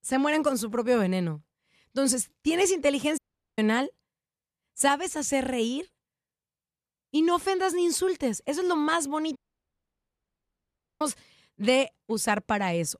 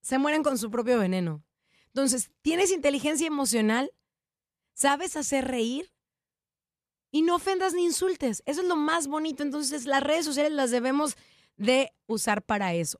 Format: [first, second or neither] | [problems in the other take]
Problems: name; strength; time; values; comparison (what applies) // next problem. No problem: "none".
second | audio cutting out; at 3 s and at 9.5 s for 1.5 s